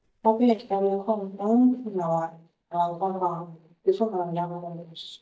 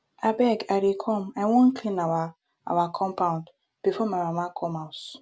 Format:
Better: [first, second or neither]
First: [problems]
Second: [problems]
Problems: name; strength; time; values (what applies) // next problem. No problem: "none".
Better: second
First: noise reduction (neural mask model DeepFilterNet 3)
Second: none